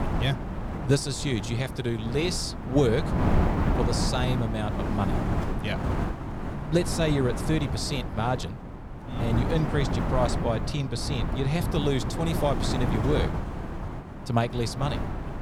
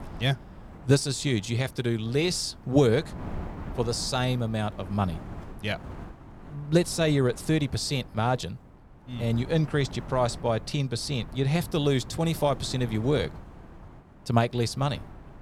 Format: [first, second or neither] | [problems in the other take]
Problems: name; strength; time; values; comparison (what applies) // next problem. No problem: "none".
second | wind noise on the microphone; heavy; 4 dB below the speech; occasional gusts in the second